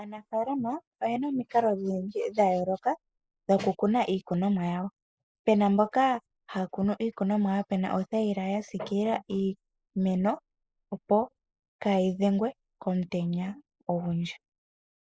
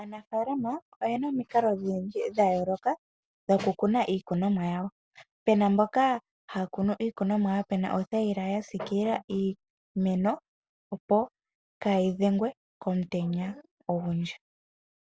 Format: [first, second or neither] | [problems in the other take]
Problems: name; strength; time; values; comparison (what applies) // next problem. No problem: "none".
second | noise reduction (neural mask model Resemble Enhance denoiser)